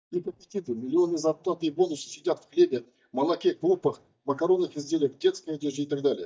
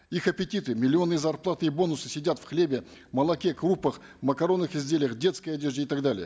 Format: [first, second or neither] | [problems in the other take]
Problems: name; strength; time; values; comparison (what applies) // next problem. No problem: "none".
second | noise reduction (neural mask model DeepFilterNet 3)